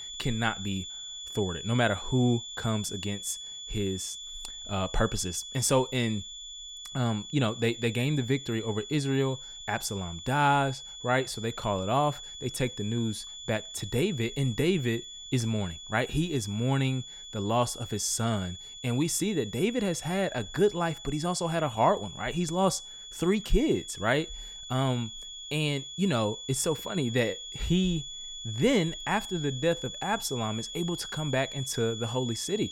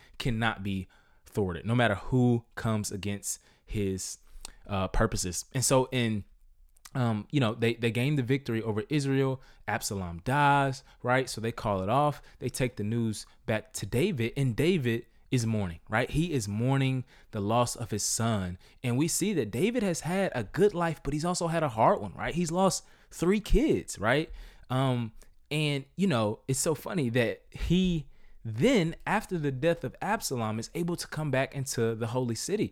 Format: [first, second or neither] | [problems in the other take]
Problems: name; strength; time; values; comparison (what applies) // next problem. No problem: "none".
second | high-pitched whine; loud; throughout; 3.5 kHz, 10 dB below the speech